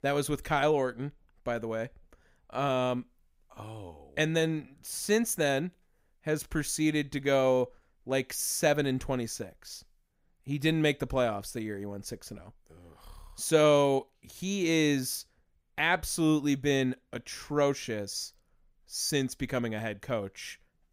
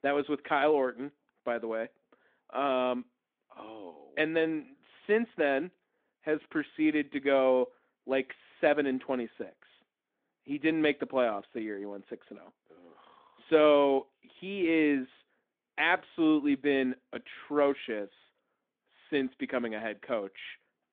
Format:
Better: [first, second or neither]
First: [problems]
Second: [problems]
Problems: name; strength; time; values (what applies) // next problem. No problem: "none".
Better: first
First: none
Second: phone-call audio